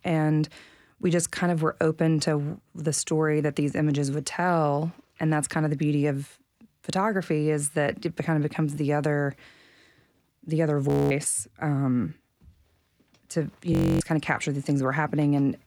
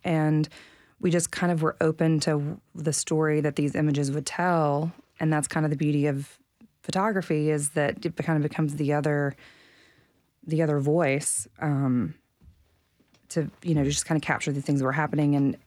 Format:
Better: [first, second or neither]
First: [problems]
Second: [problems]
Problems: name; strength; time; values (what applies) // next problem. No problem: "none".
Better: second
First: audio freezing; at 11 s and at 14 s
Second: none